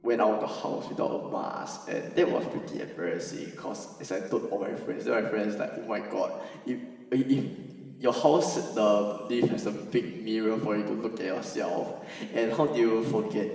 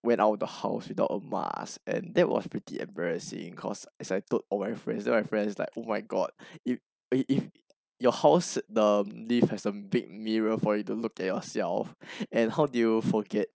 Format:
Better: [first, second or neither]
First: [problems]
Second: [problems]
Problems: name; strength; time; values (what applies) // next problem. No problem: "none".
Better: second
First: room echo; dies away in 2.4 s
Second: none